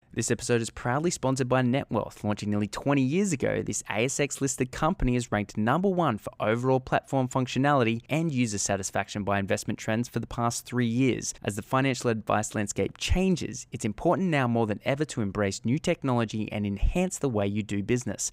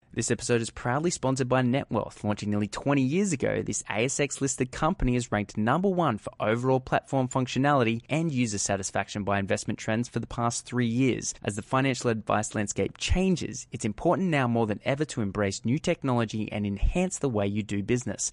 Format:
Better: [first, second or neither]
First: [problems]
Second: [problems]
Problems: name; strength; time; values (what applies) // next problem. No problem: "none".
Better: first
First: none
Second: garbled, watery; slightly